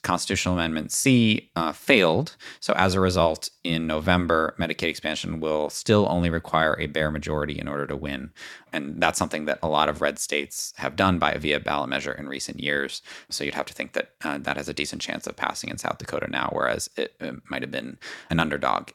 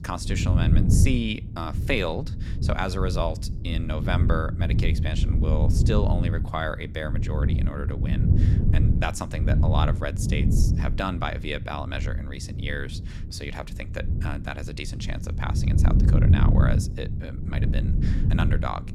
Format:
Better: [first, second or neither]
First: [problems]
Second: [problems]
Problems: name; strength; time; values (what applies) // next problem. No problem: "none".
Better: first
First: none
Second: wind noise on the microphone; heavy; 6 dB below the speech